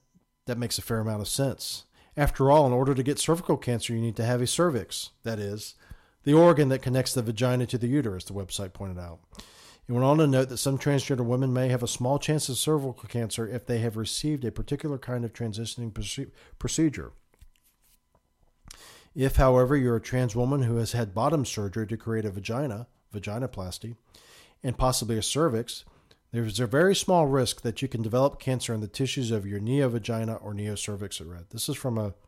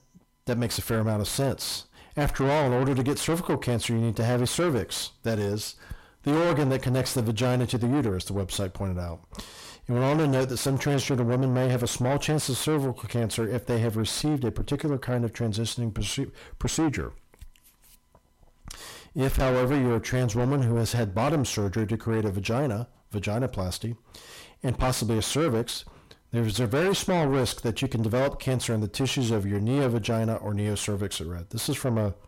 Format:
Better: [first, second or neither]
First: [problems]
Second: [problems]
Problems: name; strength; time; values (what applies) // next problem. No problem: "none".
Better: first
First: none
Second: distortion; heavy; 6 dB below the speech